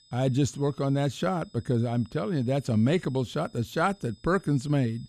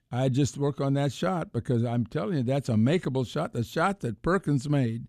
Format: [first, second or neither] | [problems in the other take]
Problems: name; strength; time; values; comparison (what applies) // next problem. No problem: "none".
second | high-pitched whine; faint; throughout; 5 kHz, 30 dB below the speech